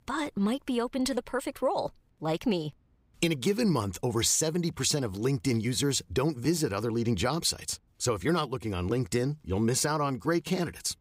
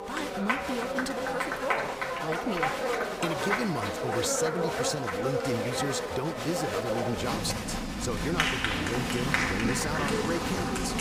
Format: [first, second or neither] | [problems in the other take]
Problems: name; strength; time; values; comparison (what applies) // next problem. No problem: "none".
first | crowd noise; very loud; throughout; 4 dB above the speech